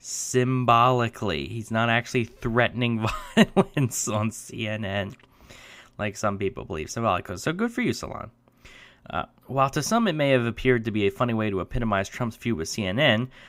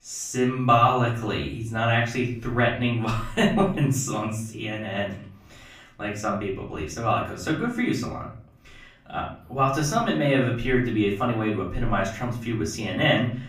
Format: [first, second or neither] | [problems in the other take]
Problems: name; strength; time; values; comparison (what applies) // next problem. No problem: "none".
first | off-mic speech; far // room echo; slight; dies away in 0.5 s